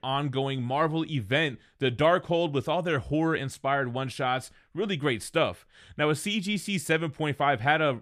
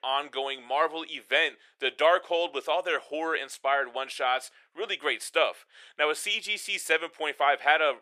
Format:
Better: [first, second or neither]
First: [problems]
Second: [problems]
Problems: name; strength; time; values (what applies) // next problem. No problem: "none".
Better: first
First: none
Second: thin; very; fading below 450 Hz